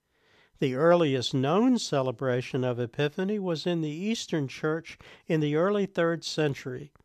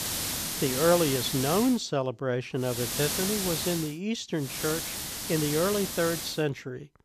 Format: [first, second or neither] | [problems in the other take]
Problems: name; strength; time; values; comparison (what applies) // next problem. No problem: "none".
first | hiss; loud; until 1.5 s, from 2.5 to 4 s and from 4.5 to 6.5 s; 2 dB below the speech